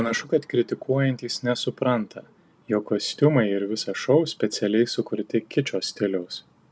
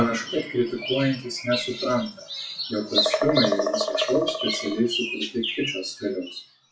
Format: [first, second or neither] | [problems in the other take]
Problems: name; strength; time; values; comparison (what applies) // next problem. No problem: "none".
first | noise reduction (classical method WPE with log-MMSE)